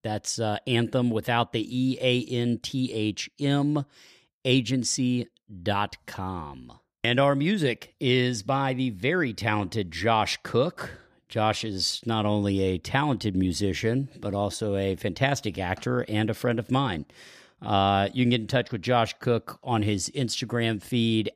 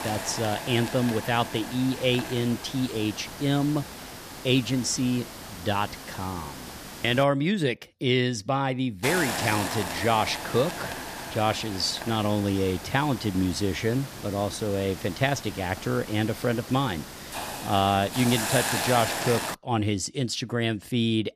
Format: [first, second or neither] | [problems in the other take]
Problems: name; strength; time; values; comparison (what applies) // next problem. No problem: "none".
first | hiss; loud; until 7 s and from 9 to 20 s; 8 dB below the speech